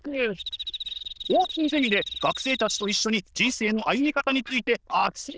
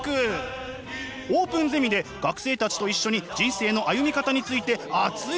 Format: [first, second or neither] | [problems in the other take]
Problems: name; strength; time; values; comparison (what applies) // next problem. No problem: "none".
second | noise reduction (neural diffusion model UNIVERSE++)